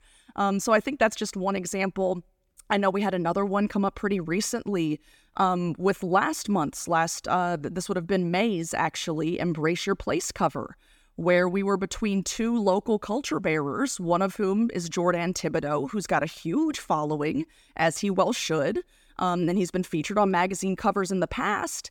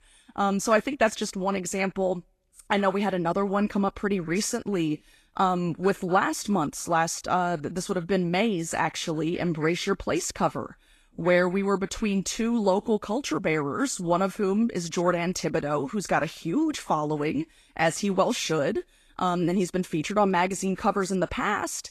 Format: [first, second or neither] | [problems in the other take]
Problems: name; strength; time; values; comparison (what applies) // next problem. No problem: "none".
first | garbled, watery; slightly; nothing above 13 kHz